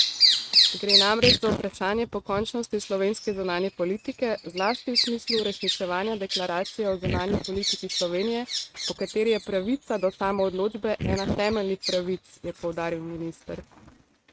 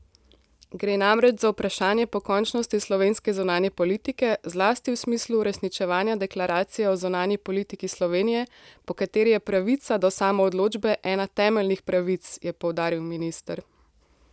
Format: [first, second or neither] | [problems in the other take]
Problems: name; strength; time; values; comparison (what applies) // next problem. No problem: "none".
second | noise reduction (neural mask model RNNoise)